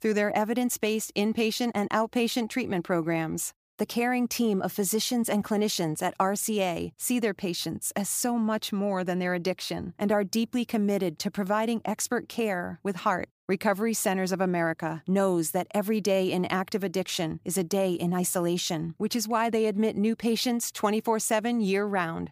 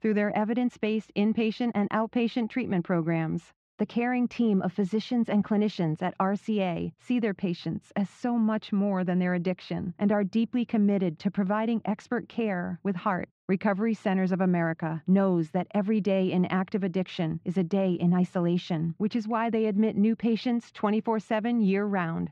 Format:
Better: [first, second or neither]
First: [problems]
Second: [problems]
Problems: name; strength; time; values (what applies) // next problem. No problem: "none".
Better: first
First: none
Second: muffled; slightly; fading above 3 kHz